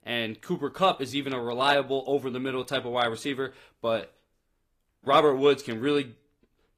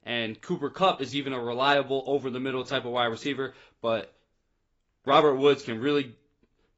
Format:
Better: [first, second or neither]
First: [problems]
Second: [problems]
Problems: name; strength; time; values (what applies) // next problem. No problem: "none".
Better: first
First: garbled, watery; slightly; nothing above 14.5 kHz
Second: garbled, watery; badly; nothing above 7.5 kHz